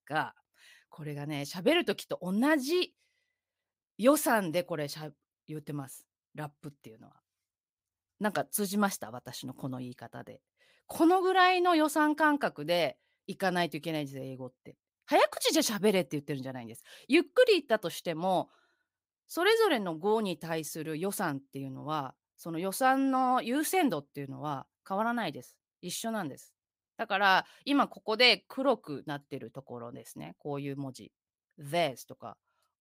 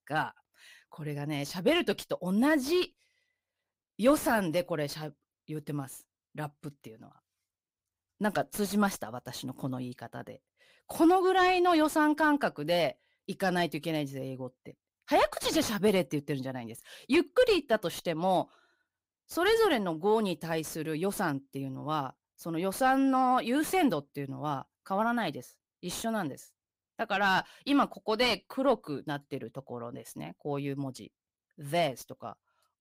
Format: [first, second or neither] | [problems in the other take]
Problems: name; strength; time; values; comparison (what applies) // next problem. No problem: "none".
first | distortion; slight; 10 dB below the speech